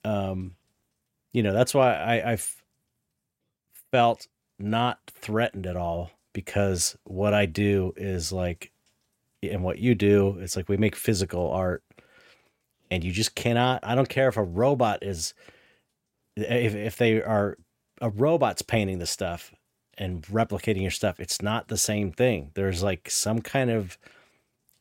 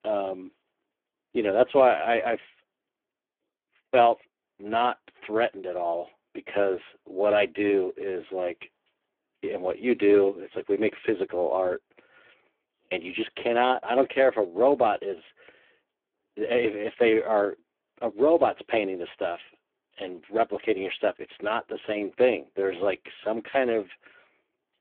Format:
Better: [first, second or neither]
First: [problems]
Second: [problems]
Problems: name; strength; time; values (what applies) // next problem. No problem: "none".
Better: first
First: none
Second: phone-call audio; poor line